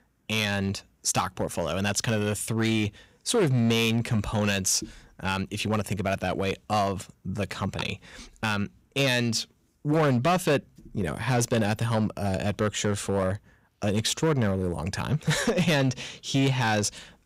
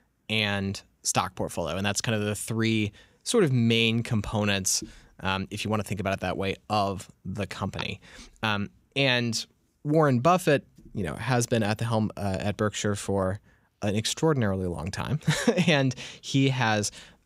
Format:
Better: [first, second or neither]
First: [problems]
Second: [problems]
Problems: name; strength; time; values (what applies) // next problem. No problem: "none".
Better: second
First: distortion; slight; 6% of the sound clipped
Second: none